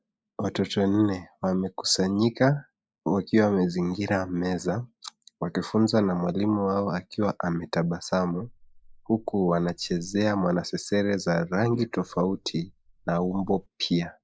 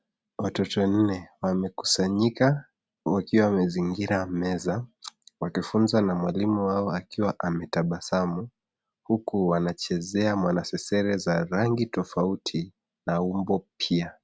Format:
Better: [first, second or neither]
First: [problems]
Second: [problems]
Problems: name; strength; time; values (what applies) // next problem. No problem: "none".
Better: second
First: noise reduction (neural mask model Resemble Enhance denoiser)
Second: none